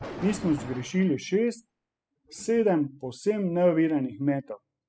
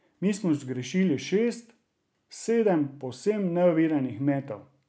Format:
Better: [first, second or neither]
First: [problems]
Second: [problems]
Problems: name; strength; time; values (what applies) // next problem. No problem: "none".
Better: second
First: noise reduction (classical method spectral subtraction)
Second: none